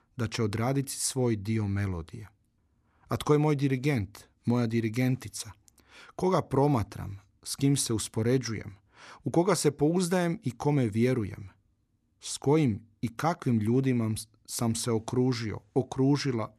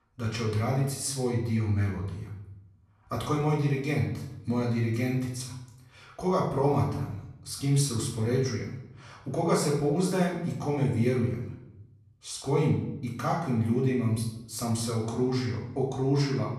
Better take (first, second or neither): first